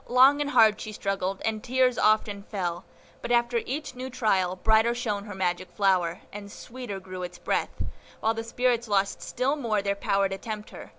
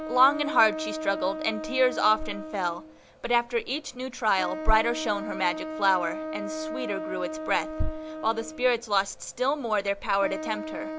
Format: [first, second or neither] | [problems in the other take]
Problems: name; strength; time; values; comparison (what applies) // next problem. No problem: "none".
first | background sound (Wind instrument, woodwind instrument); 9 dB below the speech